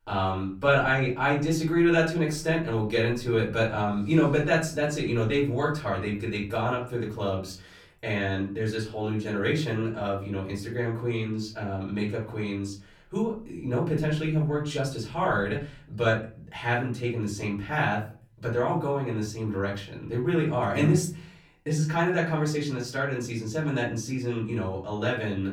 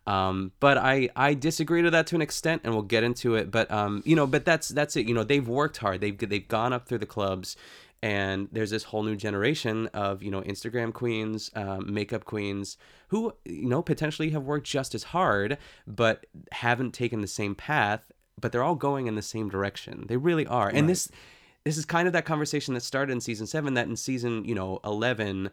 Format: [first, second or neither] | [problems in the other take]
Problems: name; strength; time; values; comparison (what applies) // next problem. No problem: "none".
second | room echo; slight; dies away in 0.5 s // off-mic speech; far